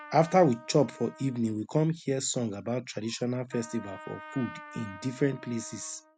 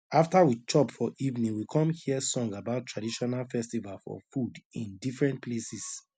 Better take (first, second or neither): second